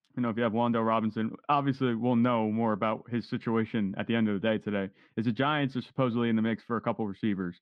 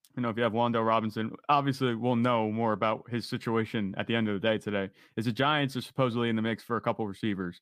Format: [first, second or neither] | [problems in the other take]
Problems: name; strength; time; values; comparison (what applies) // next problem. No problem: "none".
second | muffled; very slightly; fading above 3 kHz